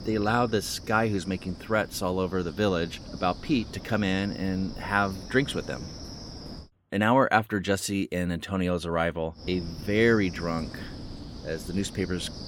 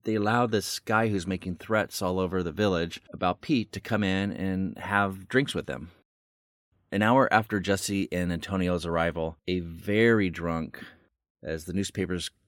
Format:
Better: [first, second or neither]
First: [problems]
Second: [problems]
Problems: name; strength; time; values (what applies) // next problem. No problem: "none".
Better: second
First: wind noise on the microphone; occasional gusts; until 6.5 s and from 9.5 s on; 15 dB below the speech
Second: none